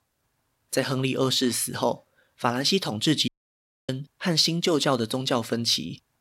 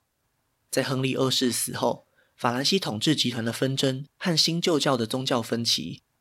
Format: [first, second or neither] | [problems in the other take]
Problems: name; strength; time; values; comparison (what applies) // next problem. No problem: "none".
second | audio cutting out; at 3.5 s for 0.5 s